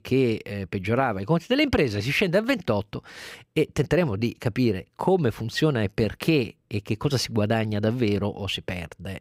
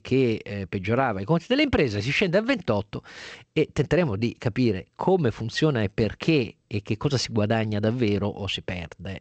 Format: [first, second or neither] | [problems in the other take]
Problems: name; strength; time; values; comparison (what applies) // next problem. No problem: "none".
first | garbled, watery; slightly; nothing above 8 kHz